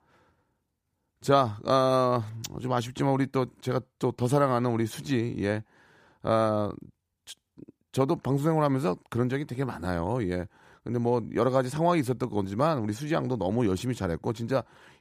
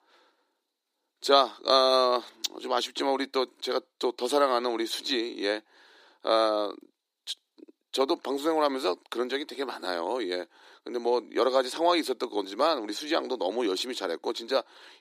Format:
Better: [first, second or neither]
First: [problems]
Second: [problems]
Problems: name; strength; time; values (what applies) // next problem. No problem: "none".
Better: first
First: none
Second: thin; somewhat; fading below 300 Hz